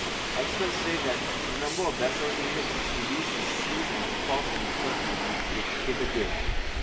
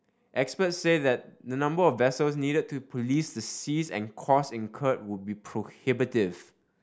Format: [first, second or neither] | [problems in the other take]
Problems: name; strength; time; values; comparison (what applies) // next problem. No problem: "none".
second | background sound (Subway, metro, underground); 5 dB above the speech // room echo; dies away in 1.5 s